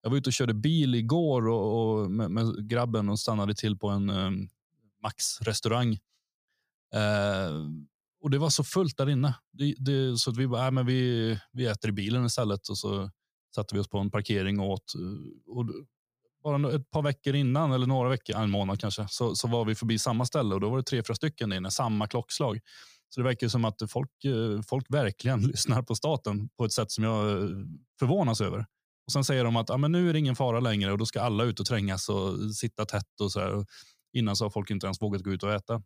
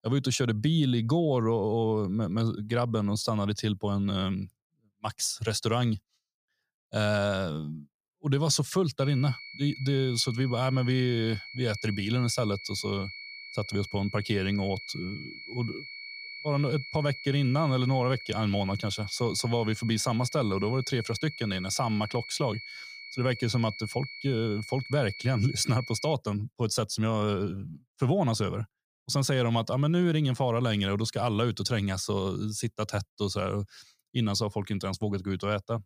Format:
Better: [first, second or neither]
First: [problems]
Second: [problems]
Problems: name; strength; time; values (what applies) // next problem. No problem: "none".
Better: first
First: none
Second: high-pitched whine; noticeable; from 9 to 26 s; 2.5 kHz, 10 dB below the speech